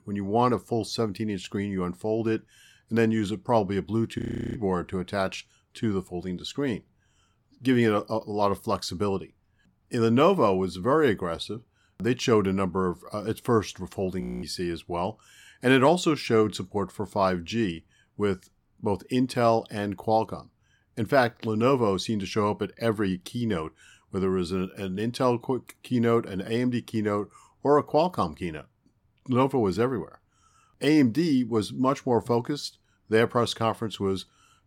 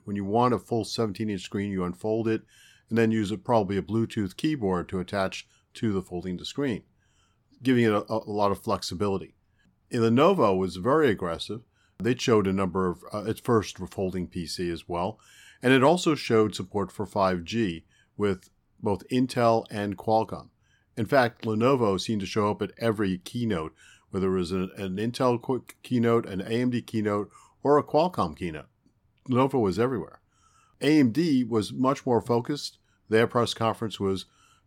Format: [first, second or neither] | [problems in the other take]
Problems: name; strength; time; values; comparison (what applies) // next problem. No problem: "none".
second | audio freezing; at 4 s and at 14 s